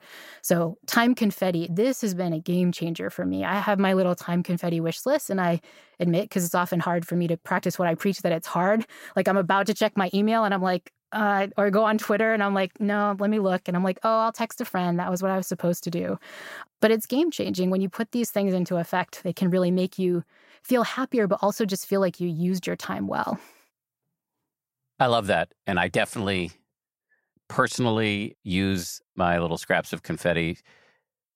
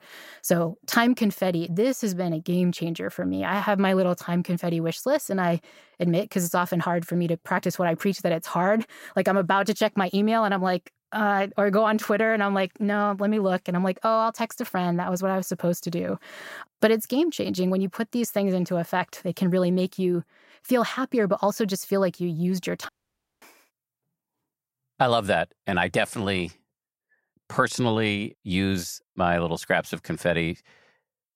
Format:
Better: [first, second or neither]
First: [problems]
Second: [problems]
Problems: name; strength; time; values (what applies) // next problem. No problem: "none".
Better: first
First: none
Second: audio cutting out; at 23 s for 0.5 s